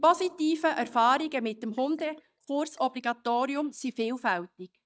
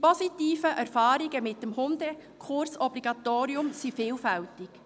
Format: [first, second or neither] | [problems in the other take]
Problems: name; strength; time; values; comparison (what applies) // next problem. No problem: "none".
second | noise reduction (neural mask model DeepFilterNet 3)